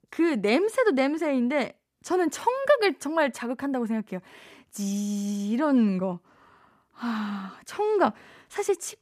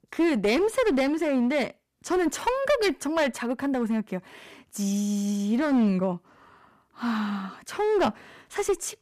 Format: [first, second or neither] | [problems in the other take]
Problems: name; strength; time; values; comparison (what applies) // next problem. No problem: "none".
first | distortion; slight; 8% of the sound clipped